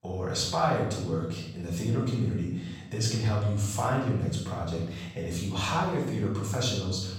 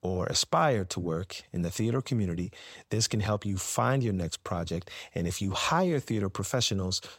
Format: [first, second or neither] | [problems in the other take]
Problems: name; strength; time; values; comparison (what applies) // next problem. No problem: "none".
second | off-mic speech; far // room echo; noticeable; dies away in 0.9 s